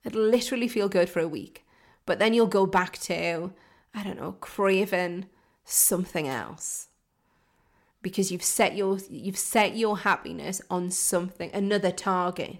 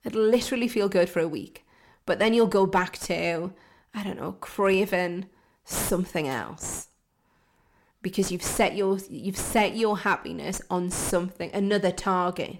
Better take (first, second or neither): first